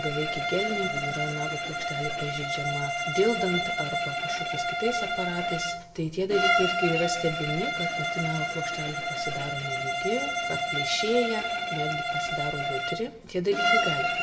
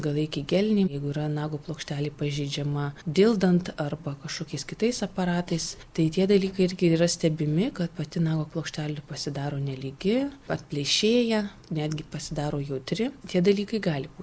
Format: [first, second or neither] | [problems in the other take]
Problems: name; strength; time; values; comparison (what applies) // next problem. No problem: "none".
second | background sound (Bowed string instrument); 2 dB above the speech // room echo; dies away in 0.7 s